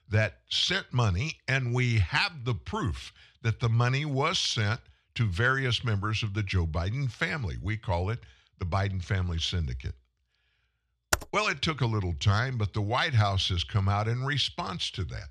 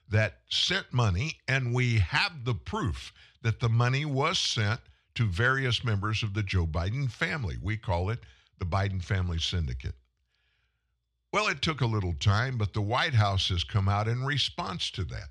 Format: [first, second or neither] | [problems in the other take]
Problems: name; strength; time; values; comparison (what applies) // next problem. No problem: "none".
second | keyboard typing; very faint; at 11 s; peak 2 dB below the speech